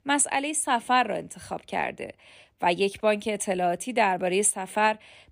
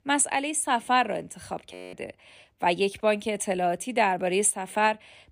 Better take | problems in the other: first | audio freezing; at 1.5 s

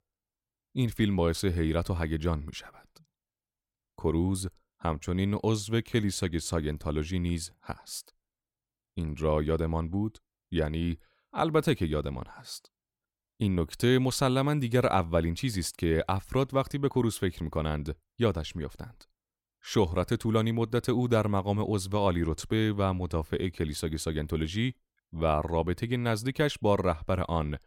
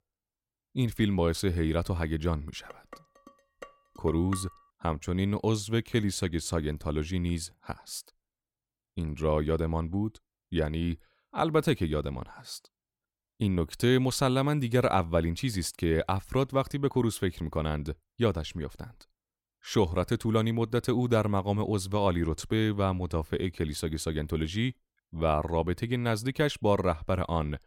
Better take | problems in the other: first | clattering dishes; faint; from 2.5 to 4.5 s; peak 15 dB below the speech

